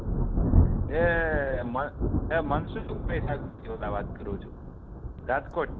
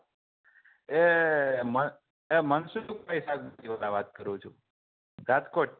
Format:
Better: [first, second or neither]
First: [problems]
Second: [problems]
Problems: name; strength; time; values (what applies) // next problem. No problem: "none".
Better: second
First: background sound (Thunder); 3 dB above the speech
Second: none